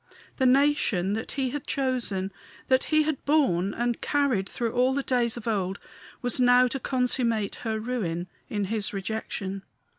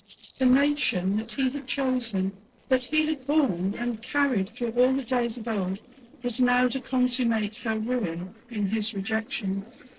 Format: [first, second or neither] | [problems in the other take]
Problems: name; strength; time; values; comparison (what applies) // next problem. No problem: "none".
first | noise reduction (neural separator model SepFormer DNS4)